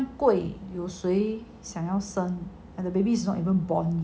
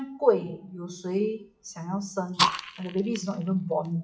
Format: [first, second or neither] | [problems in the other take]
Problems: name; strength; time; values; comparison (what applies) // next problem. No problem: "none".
first | noise reduction (classical method WPE with log-MMSE)